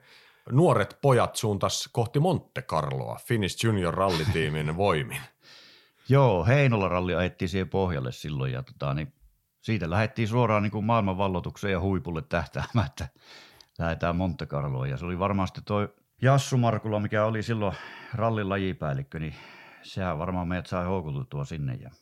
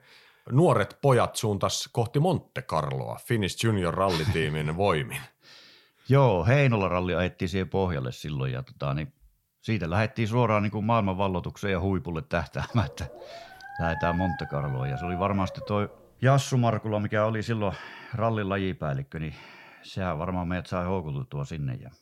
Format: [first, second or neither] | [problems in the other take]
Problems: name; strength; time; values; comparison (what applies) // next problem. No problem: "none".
first | dog barking; noticeable; from 13 to 16 s; peak 6 dB below the speech